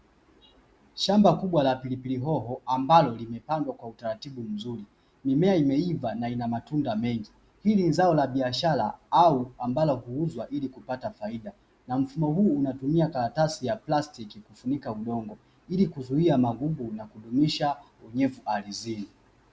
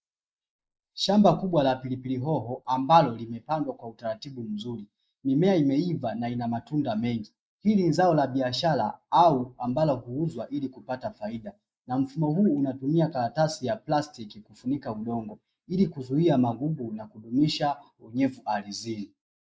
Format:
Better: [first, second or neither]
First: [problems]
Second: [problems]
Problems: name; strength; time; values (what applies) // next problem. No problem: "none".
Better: first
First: none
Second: noise reduction (neural mask model Resemble Enhance denoiser)